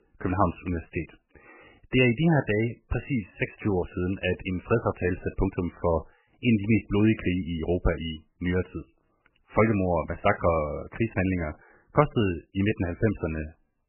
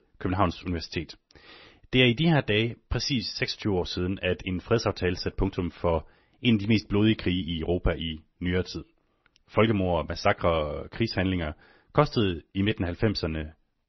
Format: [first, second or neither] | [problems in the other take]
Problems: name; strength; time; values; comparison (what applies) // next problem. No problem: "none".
second | garbled, watery; badly; nothing above 3 kHz; slightly in the second